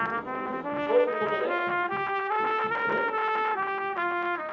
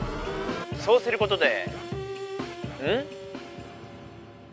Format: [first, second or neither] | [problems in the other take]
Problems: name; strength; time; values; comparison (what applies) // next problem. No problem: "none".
second | background sound (Trumpet); 5 dB above the speech // room echo; dies away in 0.7 s